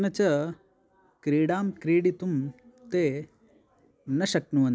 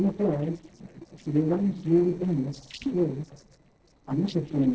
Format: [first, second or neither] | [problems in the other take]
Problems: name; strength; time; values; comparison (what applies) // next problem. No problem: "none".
first | noise reduction (neural separator model SepFormer DNS4)